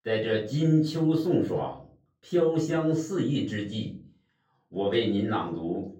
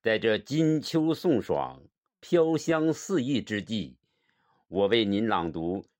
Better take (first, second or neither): second